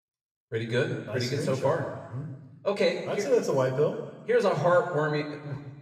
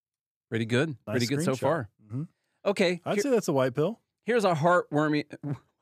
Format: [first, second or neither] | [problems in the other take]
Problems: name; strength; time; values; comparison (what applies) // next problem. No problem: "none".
second | room echo; noticeable; dies away in 1.2 s // off-mic speech; somewhat distant